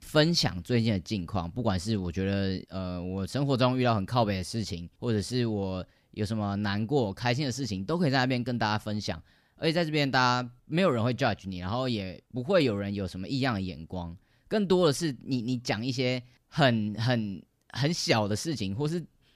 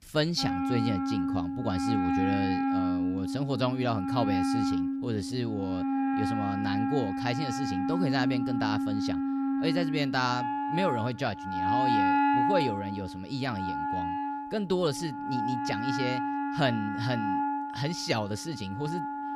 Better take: first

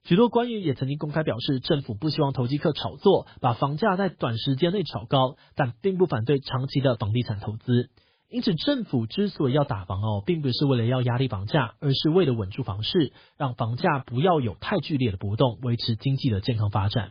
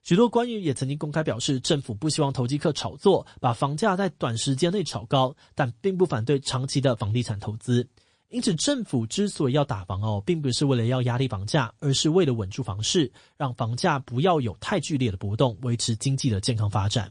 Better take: second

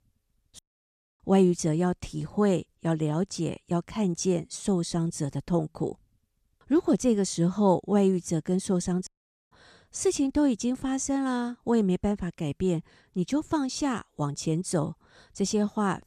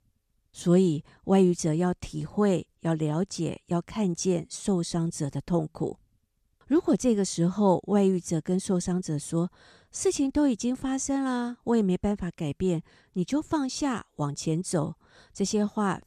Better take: second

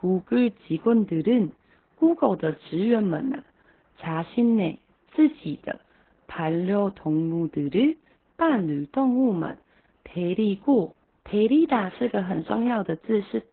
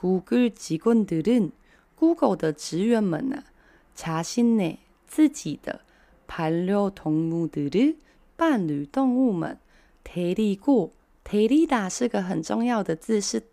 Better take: second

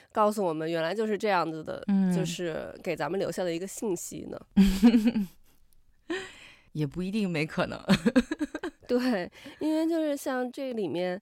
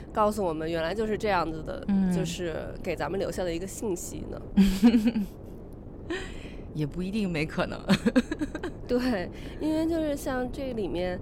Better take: first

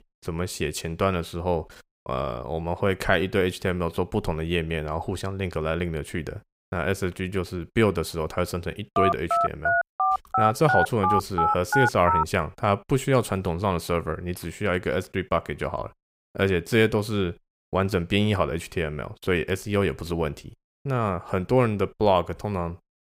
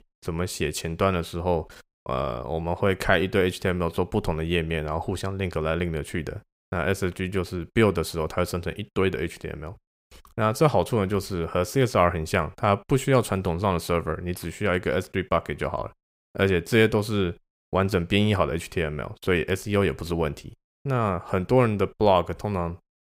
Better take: second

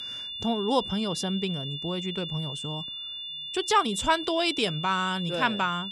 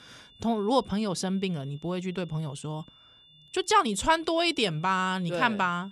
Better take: second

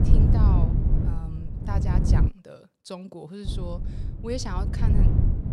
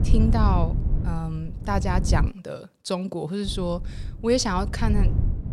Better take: second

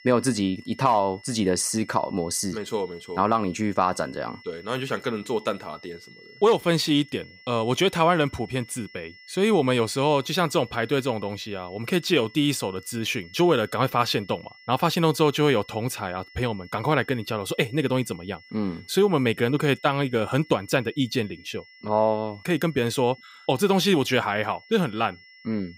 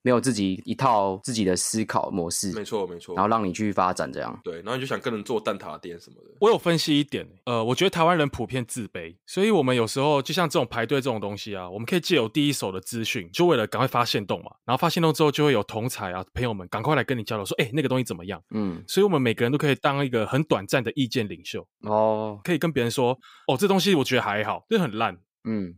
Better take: second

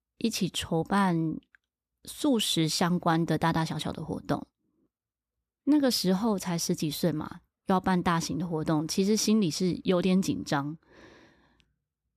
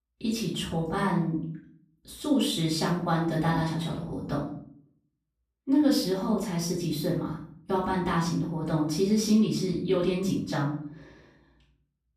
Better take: first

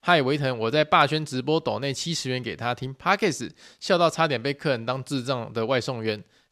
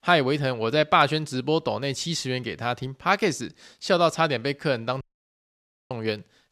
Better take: first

